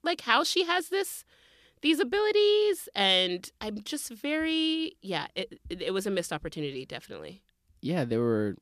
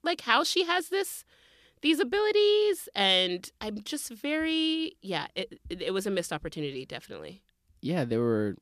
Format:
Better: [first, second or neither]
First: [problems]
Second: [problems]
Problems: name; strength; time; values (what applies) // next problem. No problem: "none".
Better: neither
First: none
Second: none